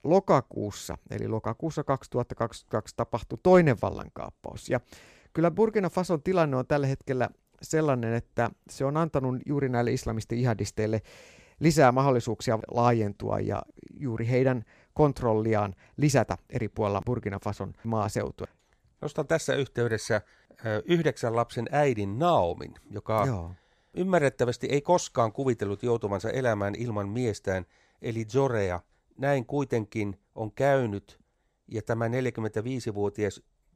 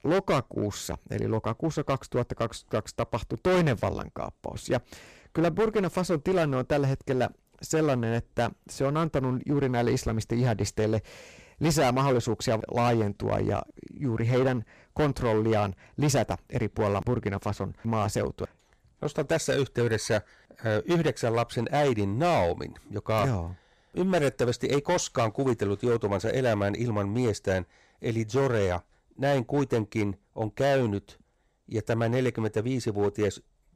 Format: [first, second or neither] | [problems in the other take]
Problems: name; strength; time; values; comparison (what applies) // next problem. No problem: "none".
first | distortion; heavy; 10% of the sound clipped